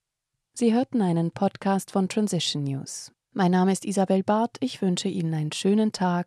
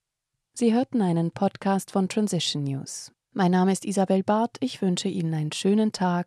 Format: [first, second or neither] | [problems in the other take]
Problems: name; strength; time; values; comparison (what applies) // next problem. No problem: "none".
neither | none